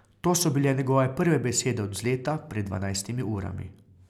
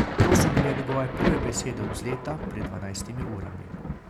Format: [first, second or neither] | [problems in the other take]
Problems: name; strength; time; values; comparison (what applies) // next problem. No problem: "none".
first | background sound (Thunder); 4 dB above the speech